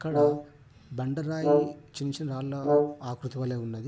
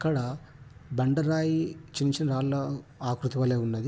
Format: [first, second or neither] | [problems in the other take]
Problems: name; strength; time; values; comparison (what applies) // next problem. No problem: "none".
second | background sound (Brass instrument); 4 dB above the speech